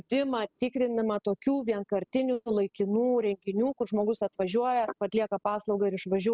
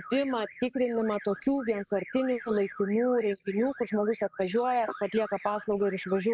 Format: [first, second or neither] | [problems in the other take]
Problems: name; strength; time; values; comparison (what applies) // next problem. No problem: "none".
first | noise reduction (neural mask model Resemble Enhance denoiser)